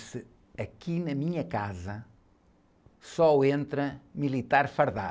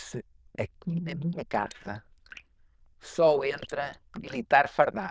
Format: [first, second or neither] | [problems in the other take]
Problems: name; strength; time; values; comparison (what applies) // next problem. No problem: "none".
first | noise reduction (neural diffusion model UNIVERSE++)